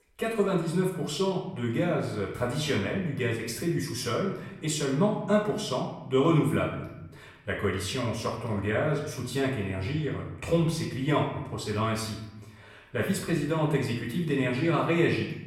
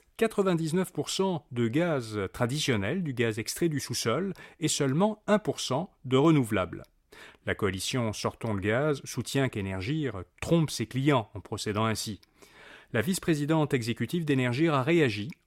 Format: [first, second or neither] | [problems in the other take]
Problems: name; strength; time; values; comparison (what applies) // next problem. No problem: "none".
second | off-mic speech; far // room echo; noticeable; dies away in 0.8 s